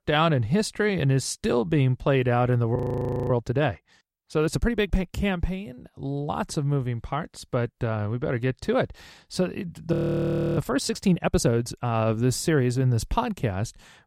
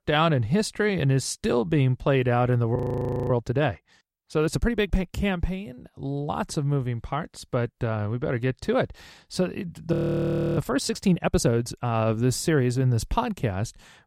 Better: neither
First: audio freezing; at 3 s for 0.5 s and at 10 s for 0.5 s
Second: audio freezing; at 3 s for 0.5 s and at 10 s for 0.5 s

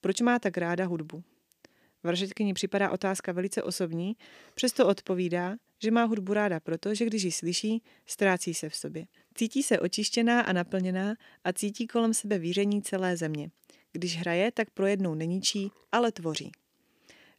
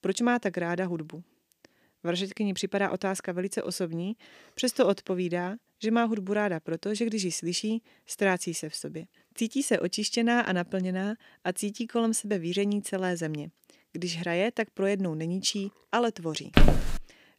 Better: first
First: none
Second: footsteps; loud; at 17 s; peak 6 dB above the speech

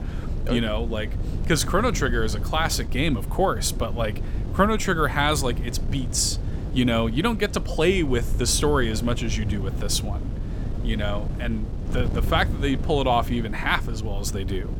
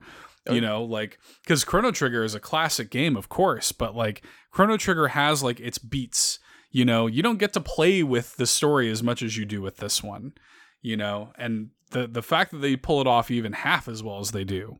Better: second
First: wind noise on the microphone; occasional gusts; 15 dB below the speech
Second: none

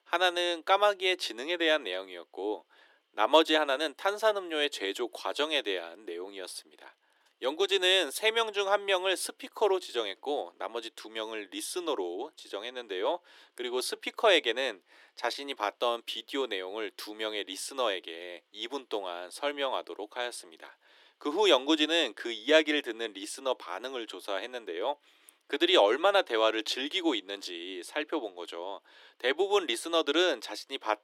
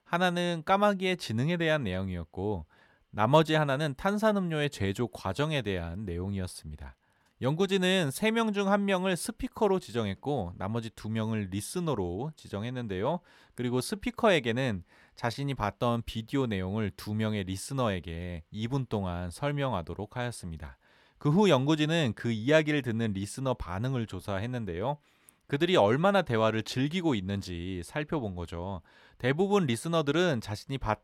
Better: second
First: thin; very; fading below 300 Hz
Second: none

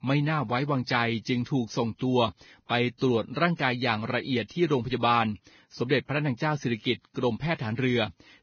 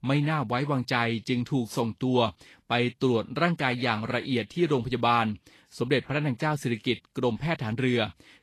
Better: second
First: garbled, watery; badly; nothing above 6.5 kHz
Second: garbled, watery; slightly; nothing above 12.5 kHz

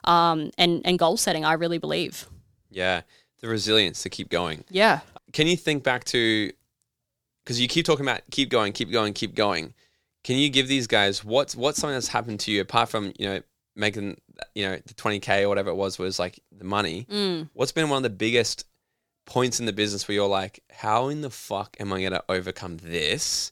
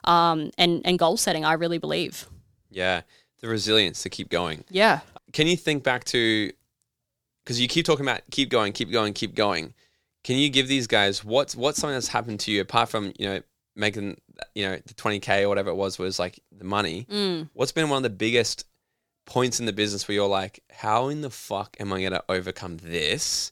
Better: neither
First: none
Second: none

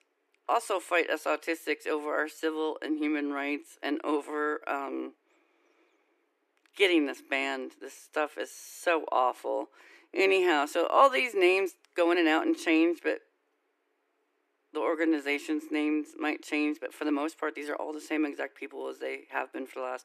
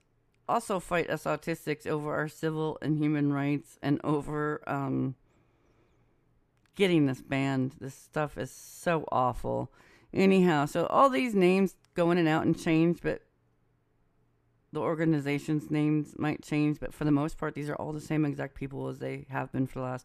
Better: second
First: thin; somewhat; fading below 300 Hz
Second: none

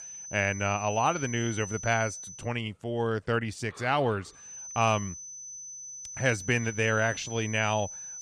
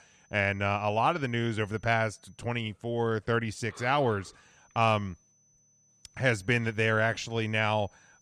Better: second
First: high-pitched whine; loud; until 2.5 s and from 4.5 s on; 6 kHz, 10 dB below the speech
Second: high-pitched whine; faint; until 2.5 s and from 4.5 s on; 6 kHz, 35 dB below the speech

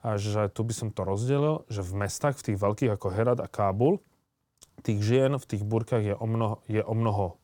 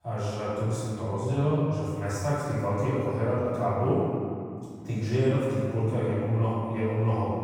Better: first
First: none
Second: off-mic speech; far // room echo; strong; dies away in 2.2 s

